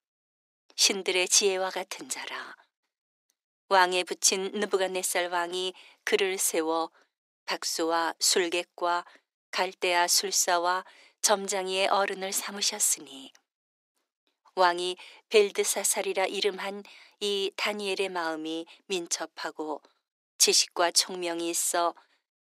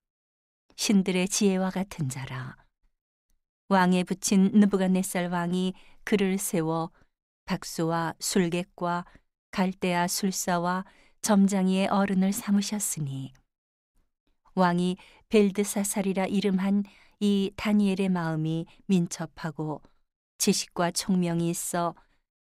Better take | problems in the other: second | thin; very; fading below 350 Hz

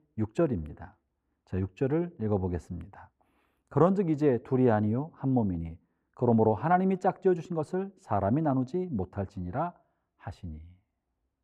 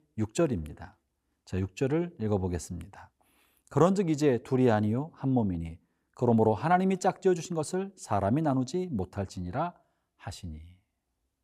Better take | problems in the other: second | muffled; very; fading above 3 kHz

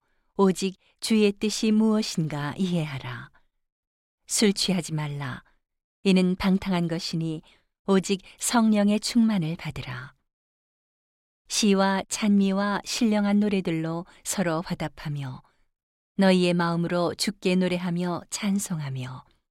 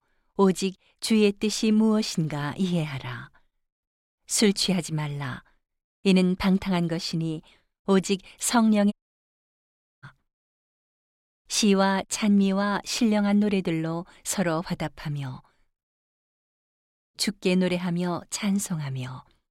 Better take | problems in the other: first | audio cutting out; at 9 s for 1 s and at 16 s for 1 s

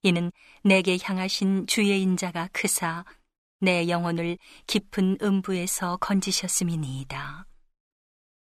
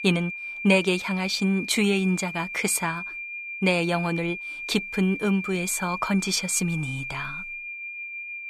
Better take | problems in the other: first | high-pitched whine; loud; throughout; 2.5 kHz, 8 dB below the speech

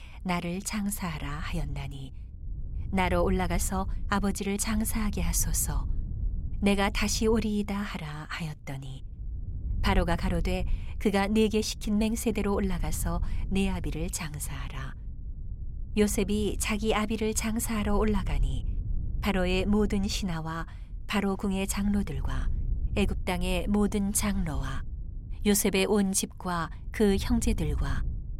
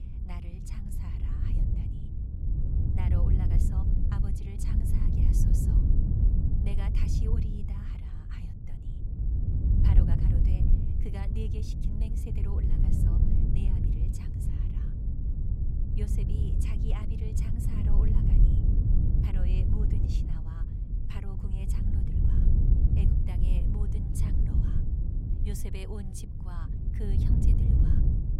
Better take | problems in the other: first | wind noise on the microphone; heavy; 5 dB above the speech; occasional gusts in the first

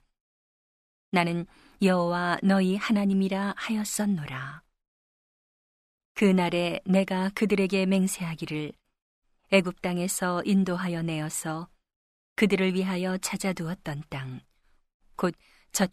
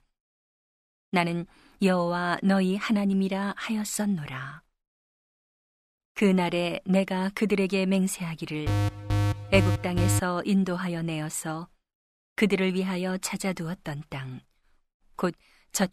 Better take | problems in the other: first | alarm; loud; from 8.5 to 10 s; peak level with the speech

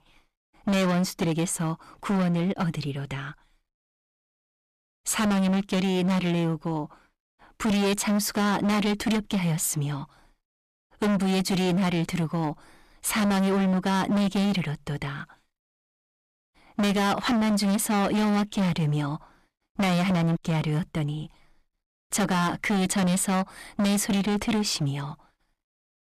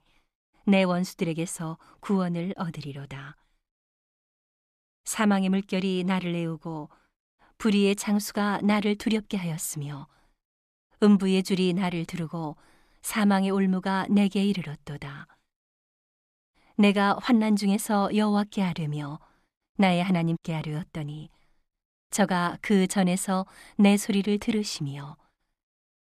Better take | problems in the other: second | distortion; heavy; 21% of the sound clipped

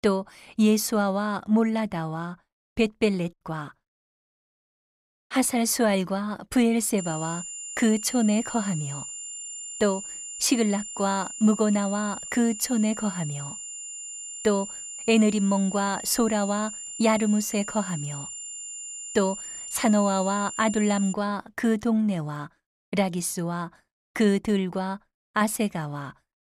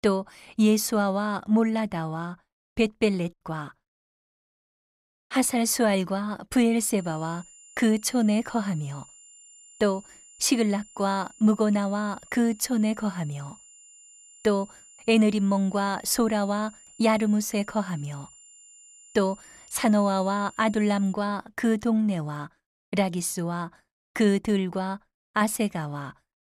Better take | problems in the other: second | high-pitched whine; loud; from 7 to 21 s; 7 kHz, 9 dB below the speech; faint in the second

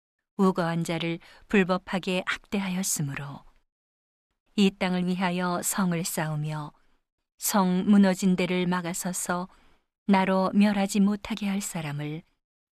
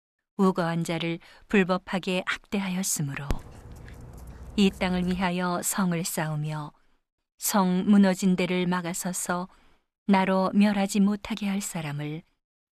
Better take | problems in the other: first | dog barking; faint; from 3.5 to 5 s; peak 10 dB below the speech

